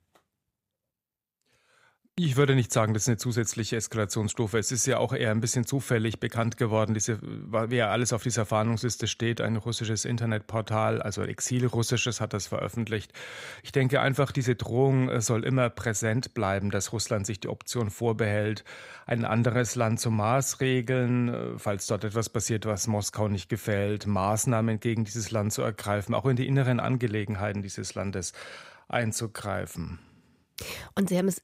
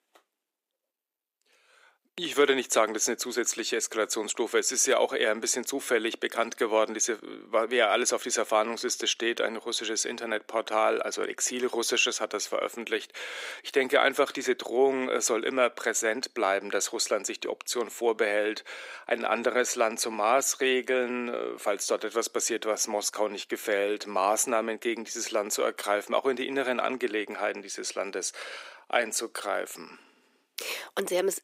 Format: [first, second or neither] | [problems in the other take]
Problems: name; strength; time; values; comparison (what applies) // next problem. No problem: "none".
first | thin; very; fading below 300 Hz